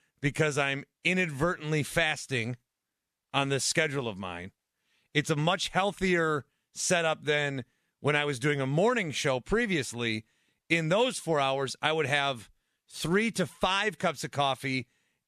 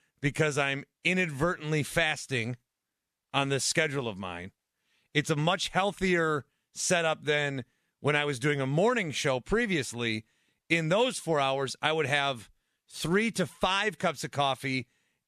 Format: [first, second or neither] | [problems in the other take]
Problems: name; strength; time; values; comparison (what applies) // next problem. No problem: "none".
neither | none